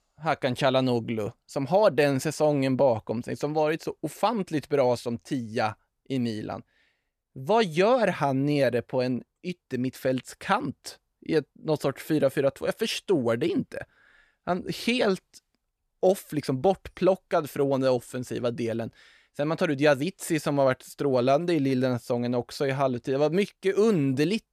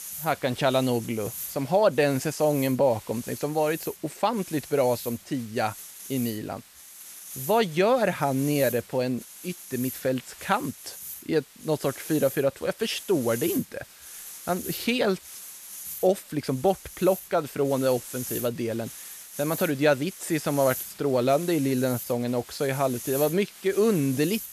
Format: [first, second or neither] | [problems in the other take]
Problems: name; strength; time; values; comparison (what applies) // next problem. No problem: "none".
first | hiss; noticeable; throughout; 10 dB below the speech